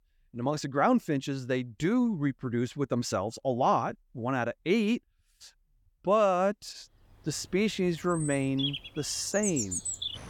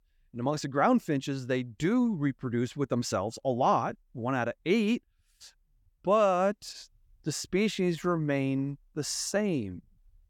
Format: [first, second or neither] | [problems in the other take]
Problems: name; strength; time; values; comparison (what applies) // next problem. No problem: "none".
second | animal sounds; loud; from 7 s on; 5 dB below the speech